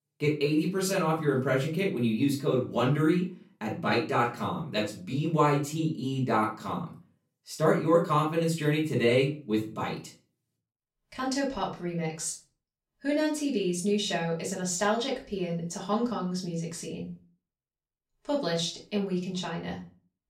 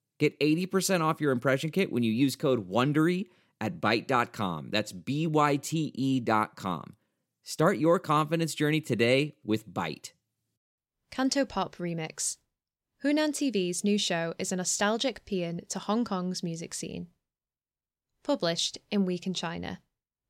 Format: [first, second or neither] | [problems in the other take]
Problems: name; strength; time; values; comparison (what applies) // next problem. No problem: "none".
second | off-mic speech; far // room echo; slight; dies away in 0.3 s